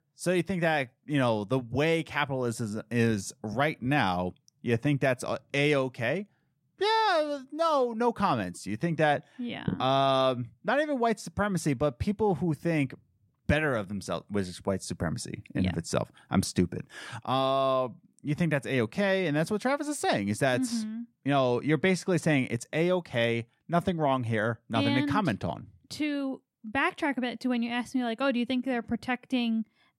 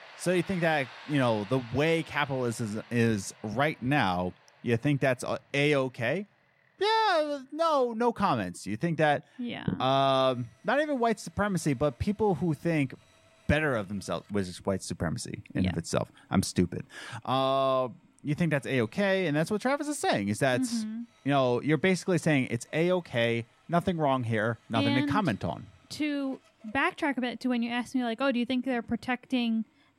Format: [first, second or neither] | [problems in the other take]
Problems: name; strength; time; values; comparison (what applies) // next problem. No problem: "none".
first | machinery noise; faint; throughout; 25 dB below the speech